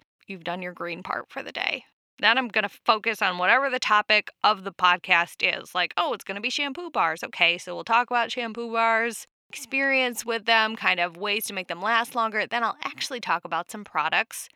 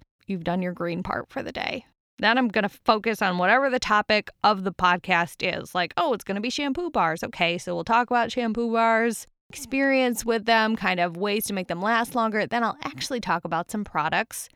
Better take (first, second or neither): second